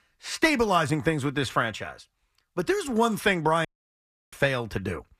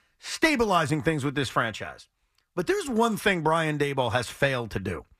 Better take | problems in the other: second | audio cutting out; at 3.5 s for 0.5 s

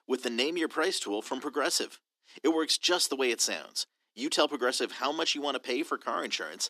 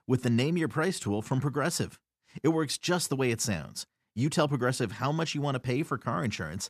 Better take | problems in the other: second | thin; somewhat; fading below 300 Hz

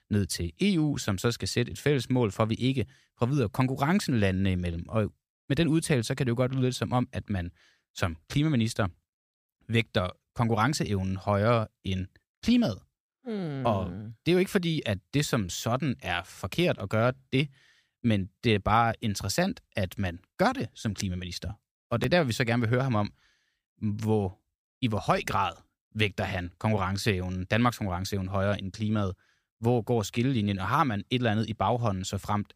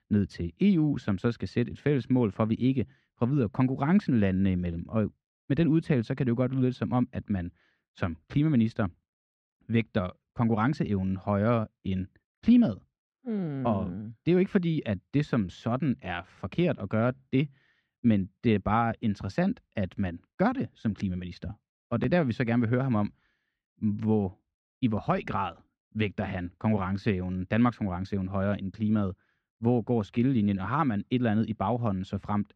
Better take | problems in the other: first | muffled; slightly; fading above 2.5 kHz

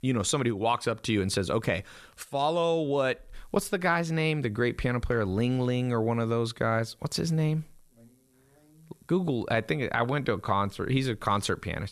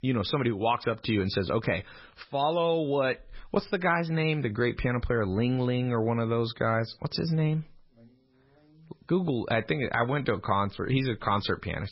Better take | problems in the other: first | garbled, watery; badly; nothing above 5.5 kHz

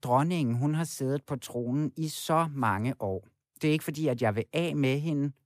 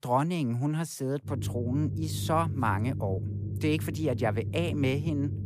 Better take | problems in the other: first | low rumble; noticeable; from 1.5 s on; 15 dB below the speech

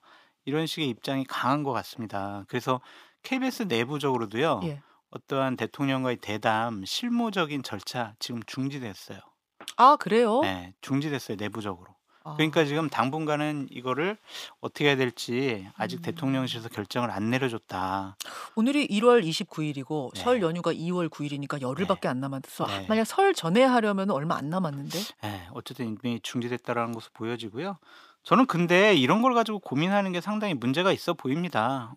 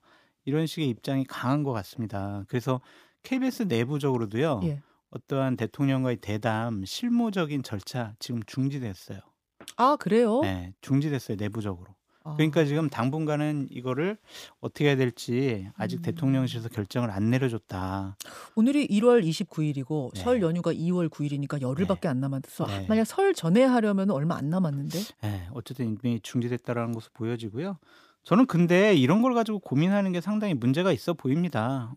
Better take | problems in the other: second | thin; very slightly; fading below 250 Hz

